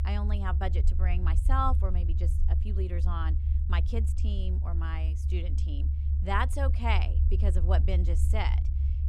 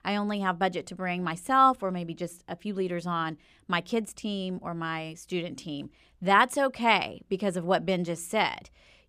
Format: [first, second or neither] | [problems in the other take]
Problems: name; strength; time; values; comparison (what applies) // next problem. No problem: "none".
second | low rumble; noticeable; throughout; 10 dB below the speech